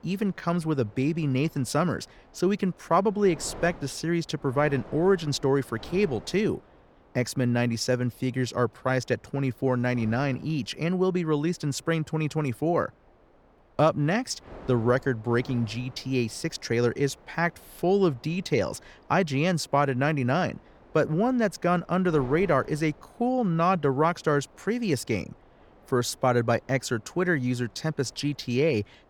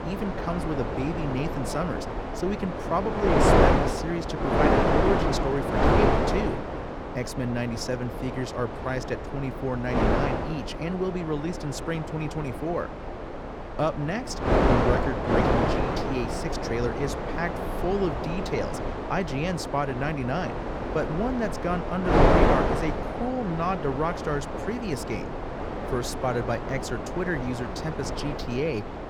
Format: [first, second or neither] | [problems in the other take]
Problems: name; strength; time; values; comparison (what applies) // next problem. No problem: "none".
first | wind noise on the microphone; heavy; 3 dB above the speech; occasional gusts in the first